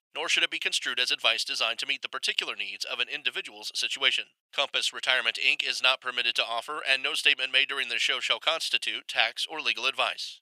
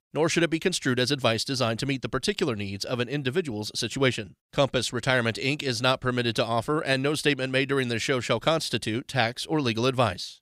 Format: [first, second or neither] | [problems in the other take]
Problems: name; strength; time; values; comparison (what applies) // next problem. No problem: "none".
second | thin; very; fading below 850 Hz